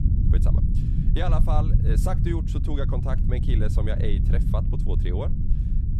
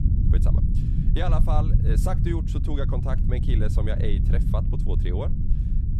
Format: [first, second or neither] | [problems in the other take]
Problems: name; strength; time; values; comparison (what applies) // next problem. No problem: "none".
neither | low rumble; loud; throughout; 4 dB below the speech; the same in both